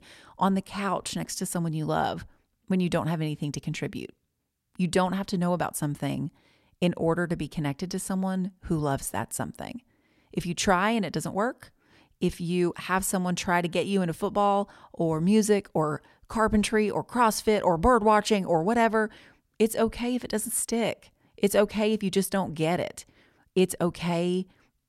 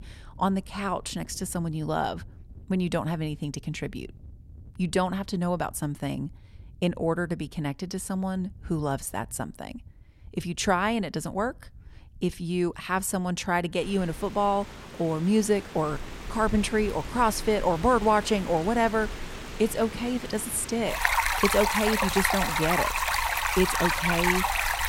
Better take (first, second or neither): first